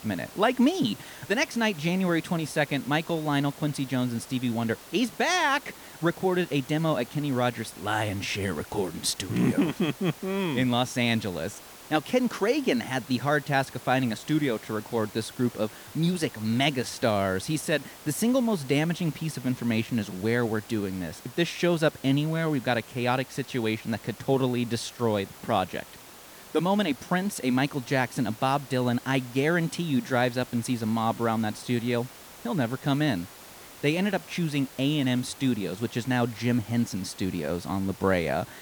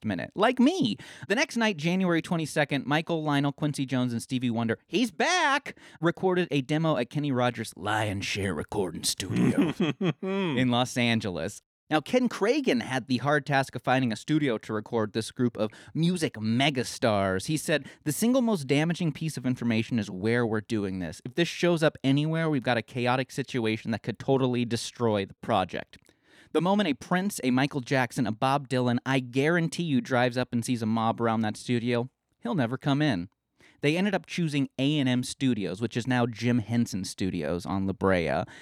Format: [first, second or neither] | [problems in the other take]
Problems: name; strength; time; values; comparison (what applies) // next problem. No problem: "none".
second | hiss; noticeable; throughout; 20 dB below the speech